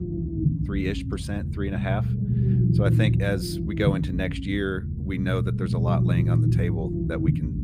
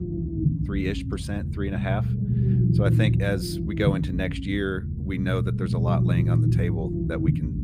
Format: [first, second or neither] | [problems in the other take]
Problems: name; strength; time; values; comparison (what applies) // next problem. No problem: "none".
neither | low rumble; loud; throughout; 3 dB below the speech; the same in both